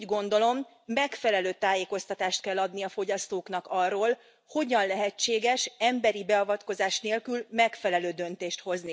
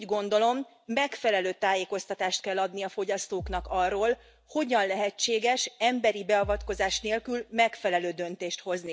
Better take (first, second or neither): first